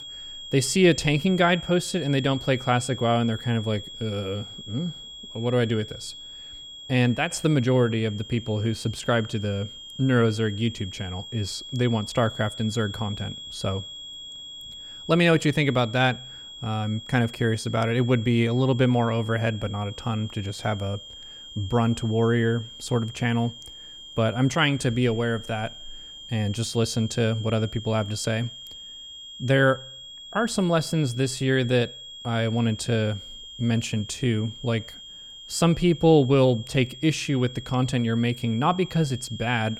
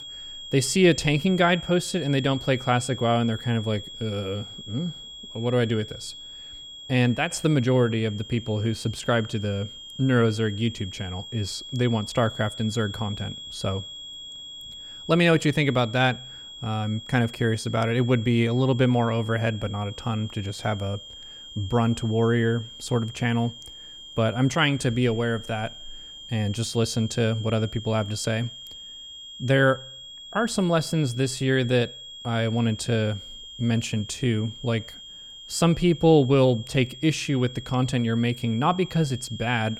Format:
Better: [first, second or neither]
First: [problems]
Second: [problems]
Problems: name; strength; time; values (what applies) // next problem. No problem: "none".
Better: neither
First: high-pitched whine; noticeable; throughout; 3.5 kHz, 15 dB below the speech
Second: high-pitched whine; noticeable; throughout; 3.5 kHz, 15 dB below the speech